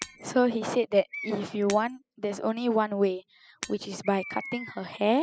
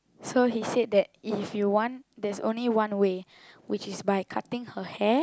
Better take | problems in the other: second | noise reduction (classical method spectral subtraction)

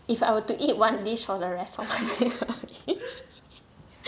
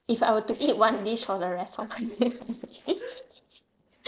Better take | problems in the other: first | noise reduction (neural separator model SepFormer DNS4)

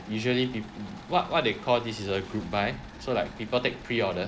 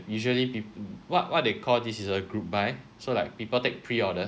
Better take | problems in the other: second | background sound (Train + Engine / Mechanisms); 16 dB below the speech

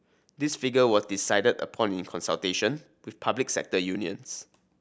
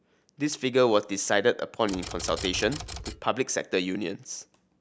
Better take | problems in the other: first | background sound (Typewriter); 10 dB below the speech

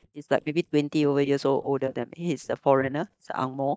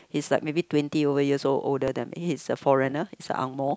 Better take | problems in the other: second | noise reduction (neural mask model DeepFilterNet 3)

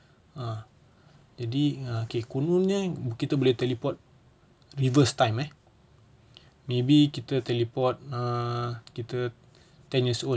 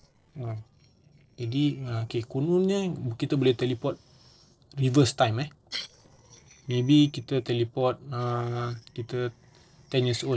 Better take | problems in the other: first | noise reduction (neural separator model SepFormer DNS4)

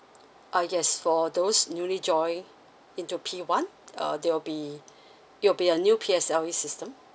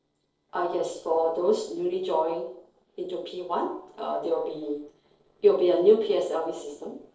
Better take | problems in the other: first | noise reduction (neural separator model SepFormer DNS4)

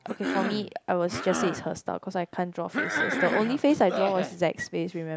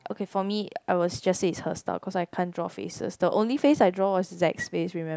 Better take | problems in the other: second | background sound (Cough); 5 dB below the speech

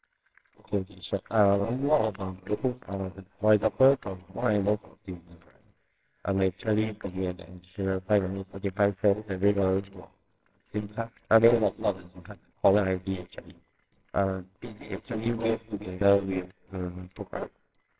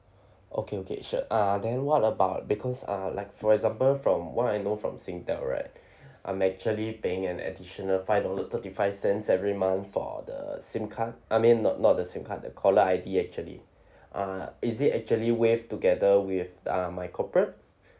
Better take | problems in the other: second | noise reduction (neural separator model SepFormer WHAMR!)

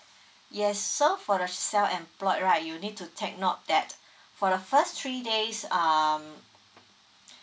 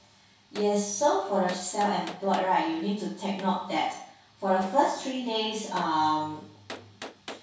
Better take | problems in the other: first | background sound (Gunshot, gunfire); 18 dB below the speech // room echo; dies away in 0.6 s

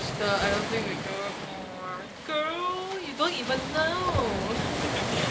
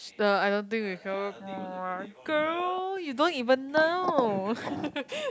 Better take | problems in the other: second | background sound (Waves, surf); 2 dB below the speech // room echo; dies away in 0.2 s

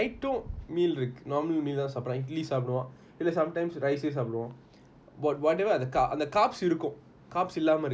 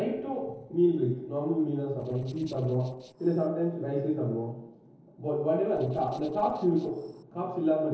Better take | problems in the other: first | noise reduction (neural separator model SepFormer DNS4)

